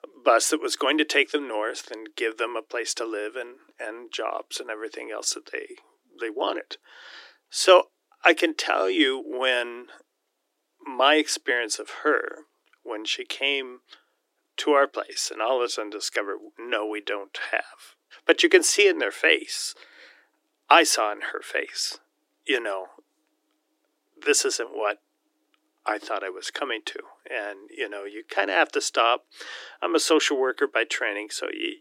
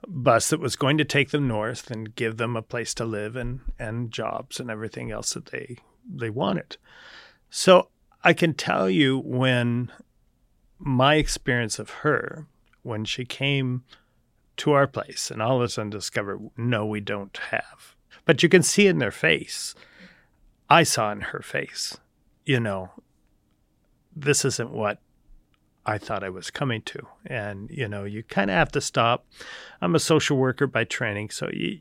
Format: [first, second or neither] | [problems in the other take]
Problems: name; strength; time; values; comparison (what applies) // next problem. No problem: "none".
second | thin; very; fading below 300 Hz